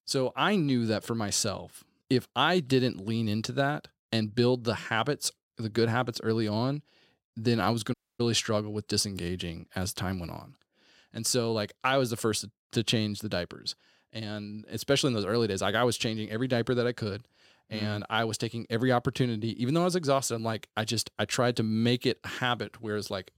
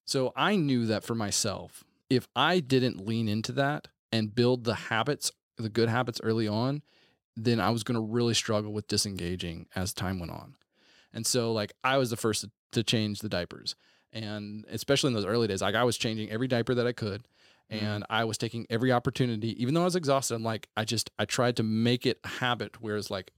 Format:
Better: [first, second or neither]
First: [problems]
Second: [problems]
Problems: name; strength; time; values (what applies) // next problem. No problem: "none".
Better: second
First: audio cutting out; at 8 s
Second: none